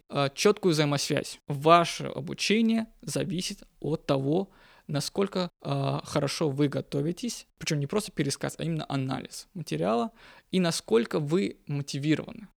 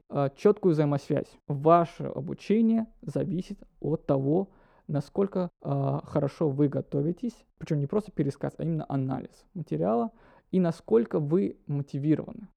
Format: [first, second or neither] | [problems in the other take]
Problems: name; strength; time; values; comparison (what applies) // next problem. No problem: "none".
first | muffled; very; fading above 1.5 kHz